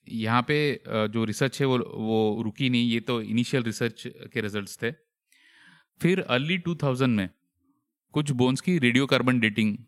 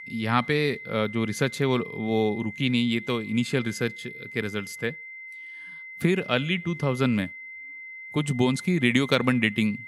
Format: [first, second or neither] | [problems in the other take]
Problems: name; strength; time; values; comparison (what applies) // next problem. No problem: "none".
first | high-pitched whine; noticeable; throughout; 2 kHz, 15 dB below the speech